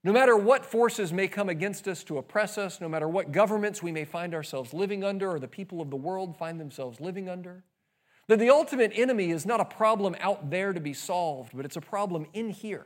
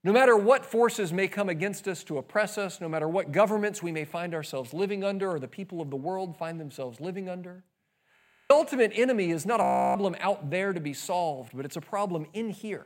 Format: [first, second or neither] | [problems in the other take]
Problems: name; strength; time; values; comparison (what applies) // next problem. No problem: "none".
first | audio freezing; at 8 s and at 9.5 s